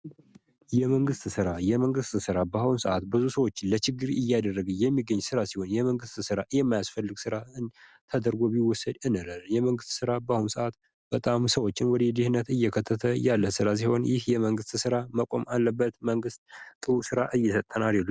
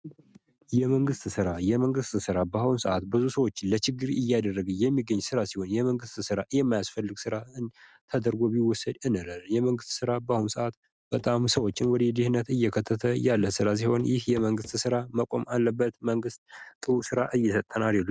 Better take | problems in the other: first | noise reduction (neural mask model RNNoise)

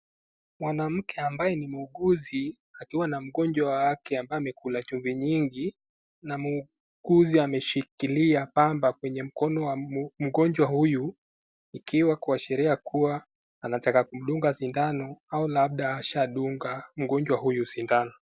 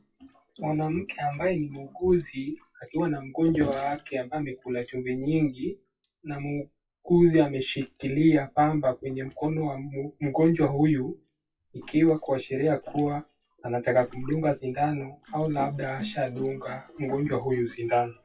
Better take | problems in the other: first | noise reduction (classical method WPE with log-MMSE)

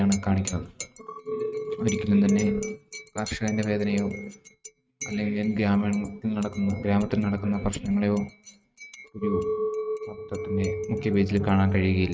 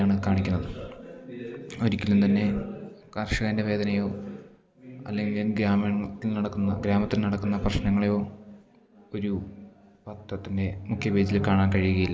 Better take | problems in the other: second | noise reduction (neural mask model RNNoise)

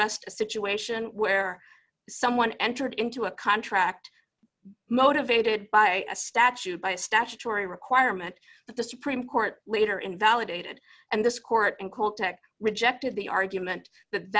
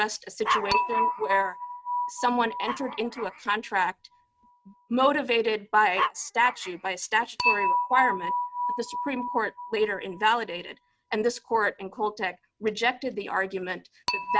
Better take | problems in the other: first | noise reduction (neural mask model RNNoise)

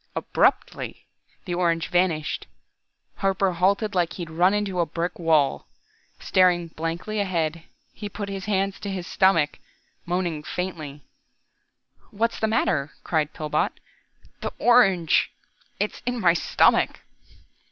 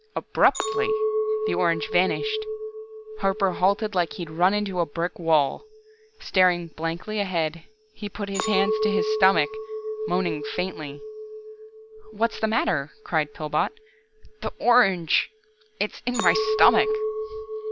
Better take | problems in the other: first | background sound (Chink, clink); 5 dB below the speech

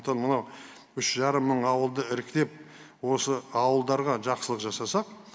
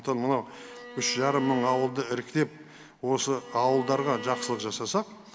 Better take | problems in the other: first | background sound (Bowed string instrument); 14 dB below the speech

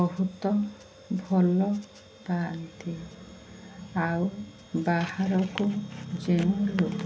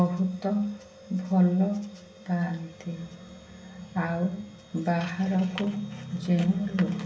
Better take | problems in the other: first | room echo; dies away in 0.8 s

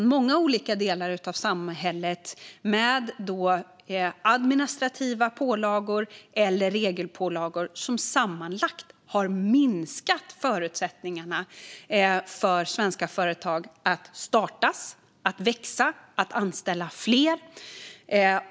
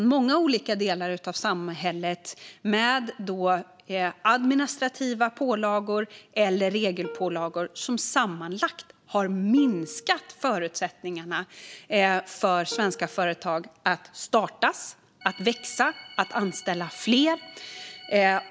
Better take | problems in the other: first | background sound (Organ + Plucked string instrument); 19 dB below the speech

